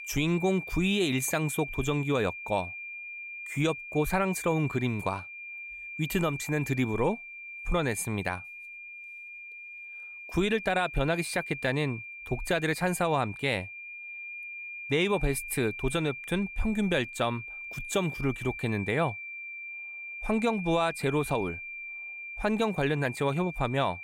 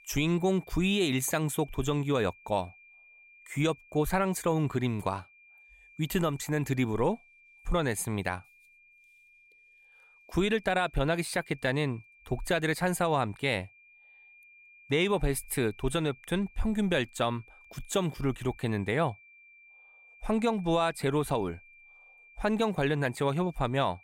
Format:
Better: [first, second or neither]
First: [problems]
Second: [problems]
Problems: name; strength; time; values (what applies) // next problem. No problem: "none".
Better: second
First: high-pitched whine; loud; throughout; 2.5 kHz, 9 dB below the speech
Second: high-pitched whine; faint; throughout; 2.5 kHz, 25 dB below the speech